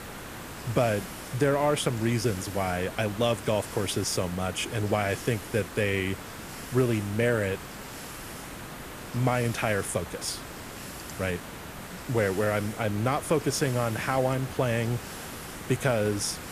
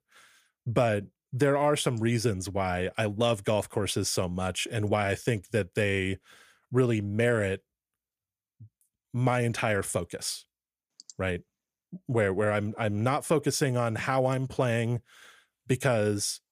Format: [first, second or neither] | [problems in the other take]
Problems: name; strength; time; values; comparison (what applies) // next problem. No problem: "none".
second | hiss; noticeable; throughout; 10 dB below the speech